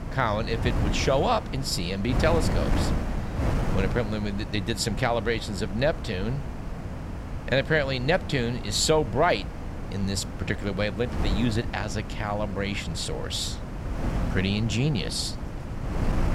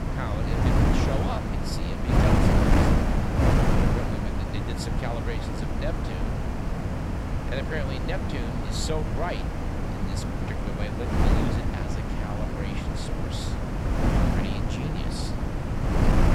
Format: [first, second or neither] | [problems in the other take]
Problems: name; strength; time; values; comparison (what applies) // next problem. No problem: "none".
first | wind noise on the microphone; heavy; 5 dB above the speech; occasional gusts in the first